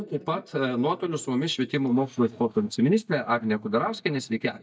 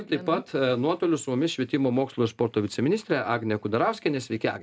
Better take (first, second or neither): second